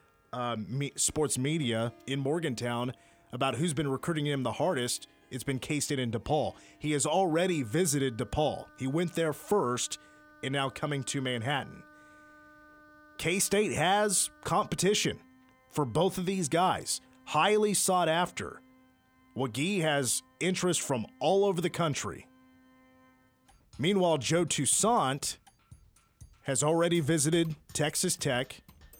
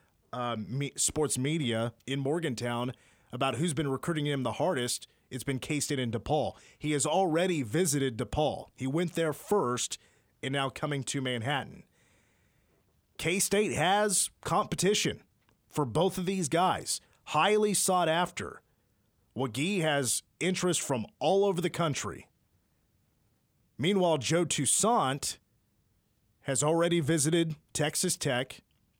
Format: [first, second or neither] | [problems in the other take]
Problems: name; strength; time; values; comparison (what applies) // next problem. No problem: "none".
second | background music; faint; throughout; 30 dB below the speech